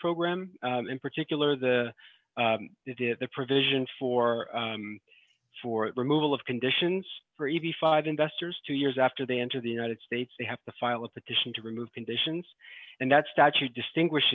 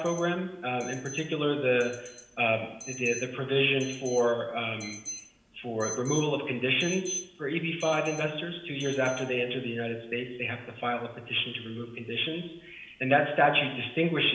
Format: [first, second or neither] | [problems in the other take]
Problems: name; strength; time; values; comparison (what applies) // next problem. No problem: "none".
first | background sound (Alarm); 17 dB below the speech // room echo; dies away in 0.9 s